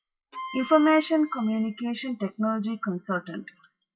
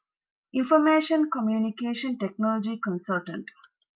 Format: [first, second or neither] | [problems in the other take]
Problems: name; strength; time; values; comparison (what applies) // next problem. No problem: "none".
second | noise reduction (classical method WPE with log-MMSE)